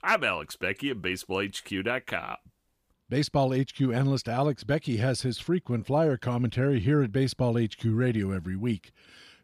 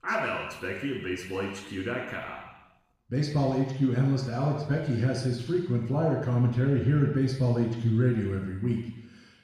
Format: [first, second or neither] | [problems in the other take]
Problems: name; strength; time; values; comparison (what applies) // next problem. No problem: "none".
first | room echo; noticeable; dies away in 1 s // off-mic speech; far